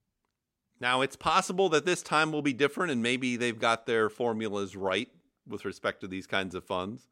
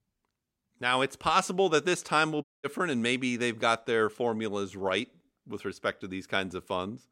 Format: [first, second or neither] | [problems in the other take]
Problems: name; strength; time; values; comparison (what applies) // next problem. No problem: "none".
first | audio cutting out; at 2.5 s